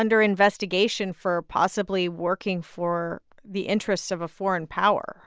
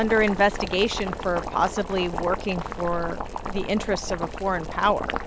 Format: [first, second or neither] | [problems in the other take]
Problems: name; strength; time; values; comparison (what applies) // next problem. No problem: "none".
first | background sound (Boiling); 6 dB below the speech